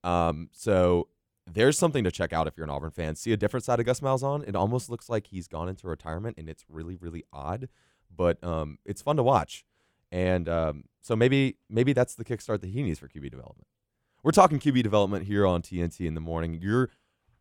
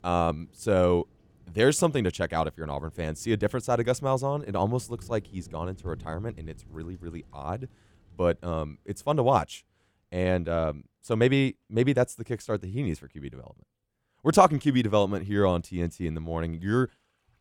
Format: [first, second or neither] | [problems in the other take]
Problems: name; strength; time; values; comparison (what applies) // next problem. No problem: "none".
first | rain or running water; faint; throughout; 25 dB below the speech